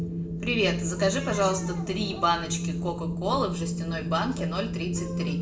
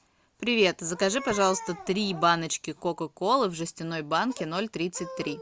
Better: second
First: background sound (Wind); 1 dB below the speech // room echo; dies away in 0.5 s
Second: none

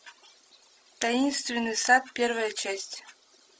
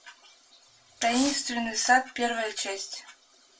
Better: first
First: none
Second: background sound (Fireworks); 10 dB below the speech // room echo; dies away in 0.2 s

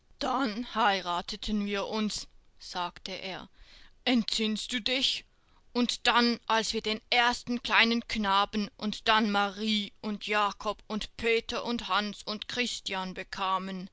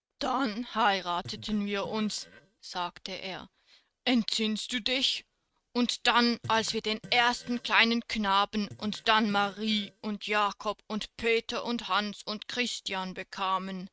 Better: first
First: none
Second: noise reduction (neural mask model RNNoise)

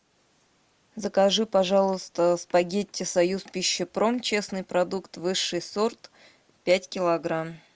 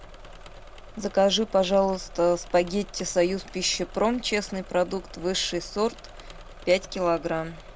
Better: first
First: none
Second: background sound (Engine / Mechanisms); 17 dB below the speech

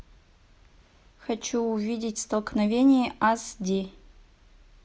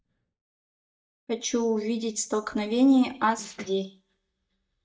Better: first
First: none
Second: noise reduction (neural mask model DeepFilterNet 3)

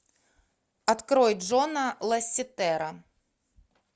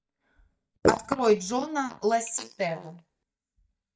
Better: first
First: none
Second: noise reduction (neural mask model DeepFilterNet 3)

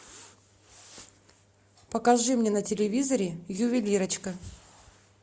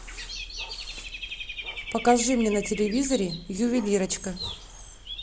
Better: first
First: none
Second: background sound (Bird / Dog); 10 dB below the speech

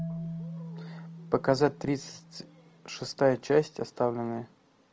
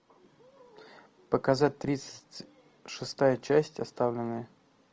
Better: second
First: background sound (Marimba, xylophone); 13 dB below the speech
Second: none

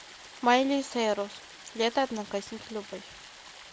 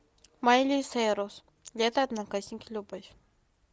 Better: second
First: background sound (Stream); 17 dB below the speech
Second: none

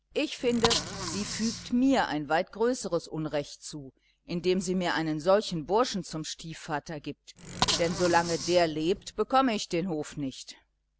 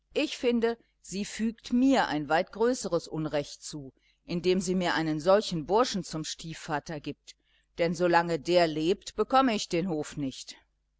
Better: second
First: background sound (Bicycle); 5 dB below the speech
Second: none

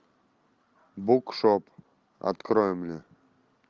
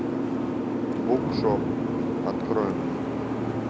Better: first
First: none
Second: background sound (Boat, Water vehicle); 5 dB above the speech

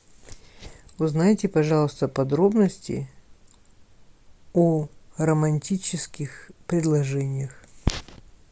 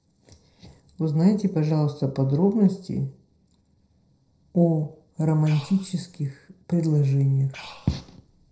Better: first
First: none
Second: noise reduction (neural separator model SepFormer DNS4)

